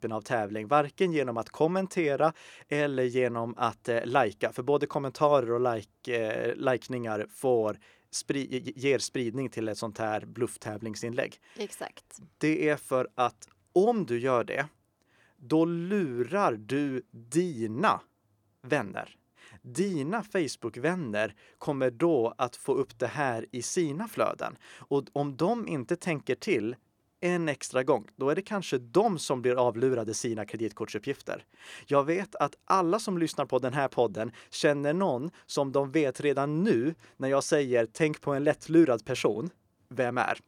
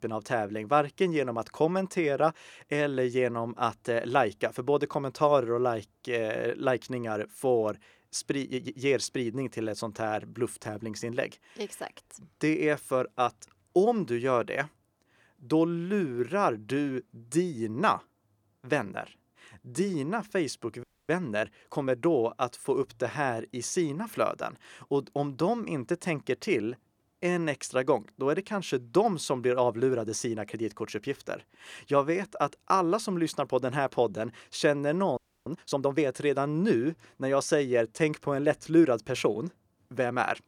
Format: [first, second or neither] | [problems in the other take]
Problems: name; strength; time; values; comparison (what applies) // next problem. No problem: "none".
first | audio freezing; at 21 s and at 35 s